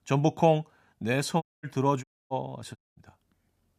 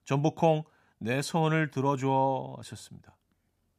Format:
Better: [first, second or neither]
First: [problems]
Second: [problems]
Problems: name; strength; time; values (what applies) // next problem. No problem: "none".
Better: second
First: audio cutting out; at 1.5 s, at 2 s and at 3 s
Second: none